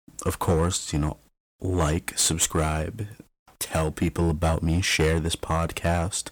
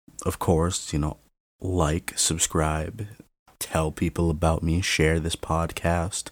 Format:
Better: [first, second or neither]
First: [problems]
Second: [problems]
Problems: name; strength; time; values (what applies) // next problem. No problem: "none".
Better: second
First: distortion; slight; 3% of the sound clipped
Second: none